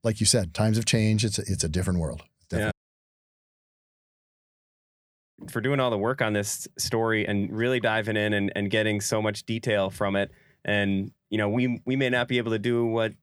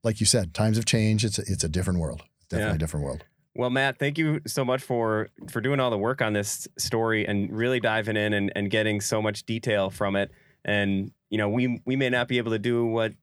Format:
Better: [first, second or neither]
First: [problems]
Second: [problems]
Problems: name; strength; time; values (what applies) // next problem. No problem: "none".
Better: second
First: audio cutting out; at 2.5 s for 2.5 s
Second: none